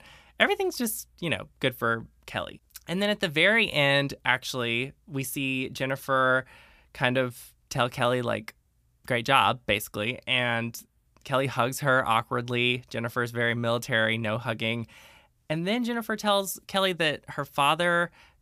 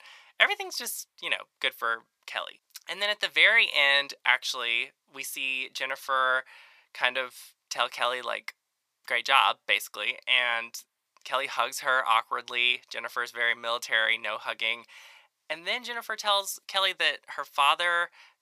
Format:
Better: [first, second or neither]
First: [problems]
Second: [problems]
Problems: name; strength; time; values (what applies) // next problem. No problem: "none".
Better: first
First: none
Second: thin; very; fading below 700 Hz